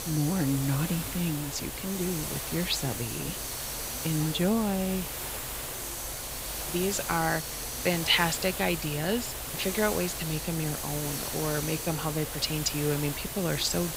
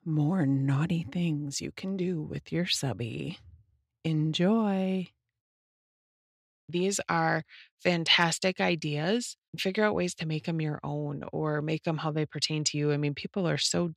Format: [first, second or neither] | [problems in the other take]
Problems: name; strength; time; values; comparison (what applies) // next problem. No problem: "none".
second | hiss; loud; throughout; 4 dB below the speech